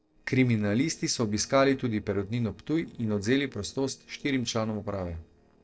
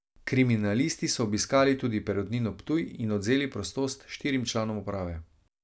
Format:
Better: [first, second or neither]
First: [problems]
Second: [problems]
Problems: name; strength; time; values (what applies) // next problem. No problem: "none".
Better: second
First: noise reduction (neural separator model SepFormer DNS4)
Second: none